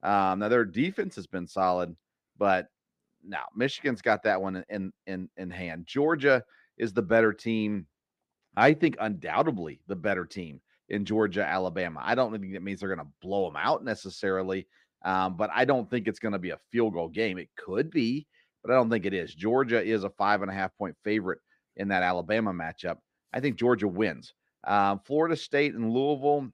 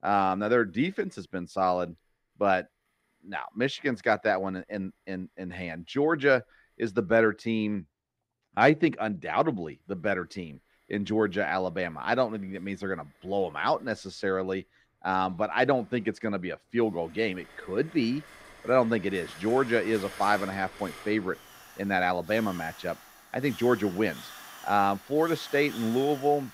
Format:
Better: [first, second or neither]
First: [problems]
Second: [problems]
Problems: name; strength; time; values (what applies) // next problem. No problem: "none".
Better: first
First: none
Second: machinery noise; noticeable; throughout; 15 dB below the speech